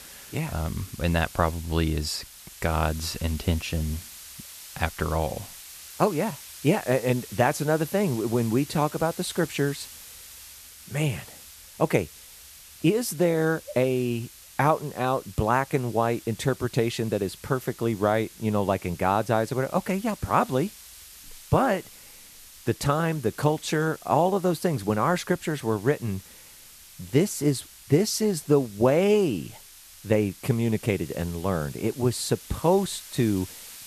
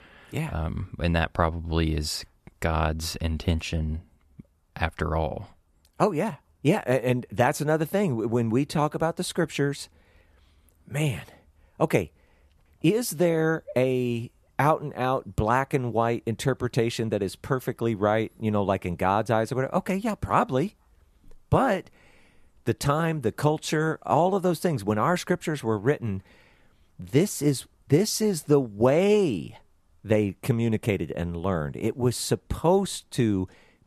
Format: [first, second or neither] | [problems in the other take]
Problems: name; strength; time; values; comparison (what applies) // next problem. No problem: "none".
second | hiss; noticeable; throughout; 15 dB below the speech